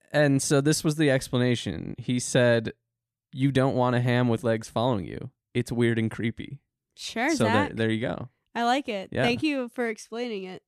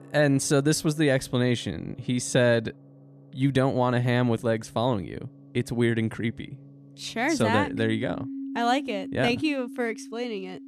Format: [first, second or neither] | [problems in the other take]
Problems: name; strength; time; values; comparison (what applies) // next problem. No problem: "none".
first | background music; noticeable; throughout; 15 dB below the speech